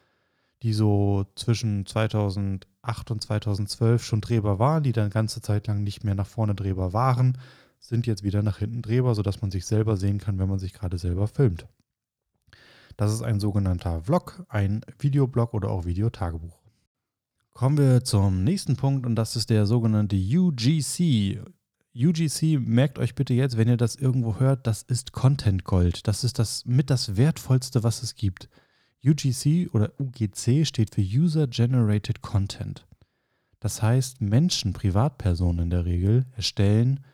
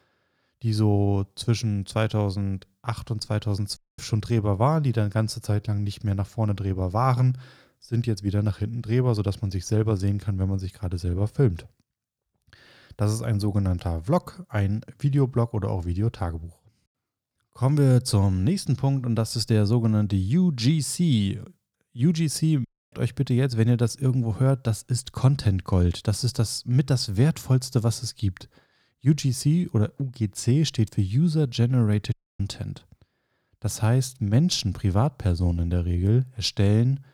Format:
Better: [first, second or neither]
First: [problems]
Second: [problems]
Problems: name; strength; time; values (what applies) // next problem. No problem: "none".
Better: first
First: none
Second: audio cutting out; at 4 s, at 23 s and at 32 s